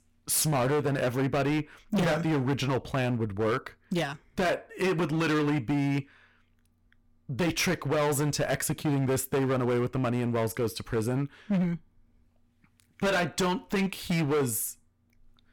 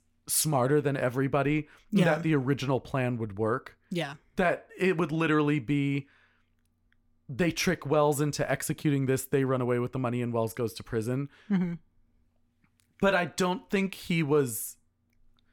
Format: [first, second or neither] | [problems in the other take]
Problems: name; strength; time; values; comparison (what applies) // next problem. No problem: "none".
second | distortion; heavy; 16% of the sound clipped